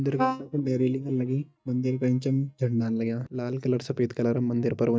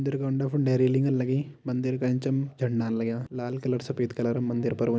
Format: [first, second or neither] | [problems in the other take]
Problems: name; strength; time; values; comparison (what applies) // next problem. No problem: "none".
second | noise reduction (neural mask model DeepFilterNet 3)